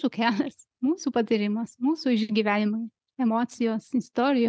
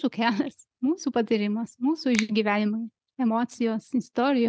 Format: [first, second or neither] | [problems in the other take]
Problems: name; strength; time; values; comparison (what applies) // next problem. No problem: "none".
first | background sound (Finger snapping); 16 dB below the speech